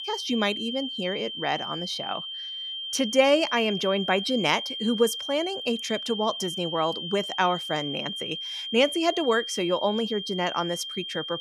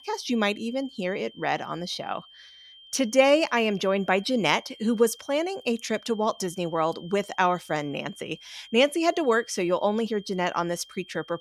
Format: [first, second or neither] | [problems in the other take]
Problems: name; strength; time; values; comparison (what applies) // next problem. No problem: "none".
second | high-pitched whine; loud; throughout; 3 kHz, 5 dB below the speech; faint in the second